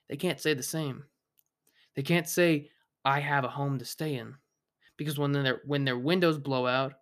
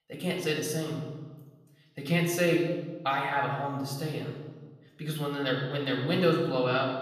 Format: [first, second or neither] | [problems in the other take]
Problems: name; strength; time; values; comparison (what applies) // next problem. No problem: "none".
first | off-mic speech; far // room echo; noticeable; dies away in 1 s